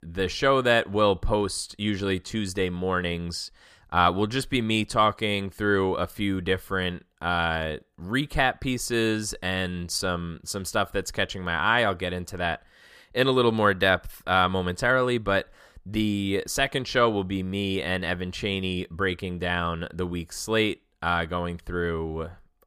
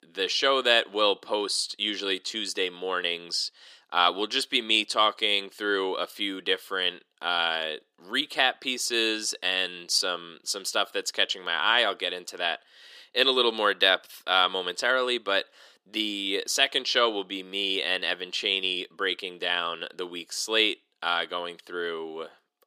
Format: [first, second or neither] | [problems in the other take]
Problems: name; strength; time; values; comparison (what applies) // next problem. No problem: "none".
first | thin; somewhat; fading below 300 Hz